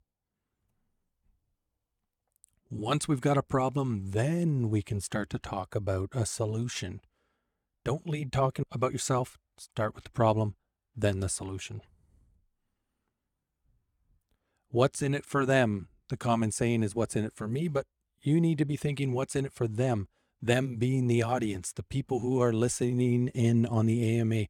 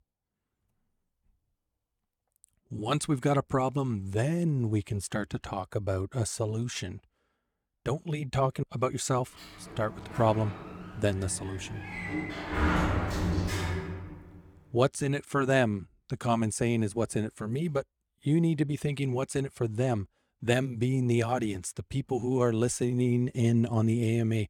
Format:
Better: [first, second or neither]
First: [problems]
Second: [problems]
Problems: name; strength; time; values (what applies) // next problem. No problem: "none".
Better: first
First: none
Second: door banging; loud; from 10 to 14 s; peak 3 dB above the speech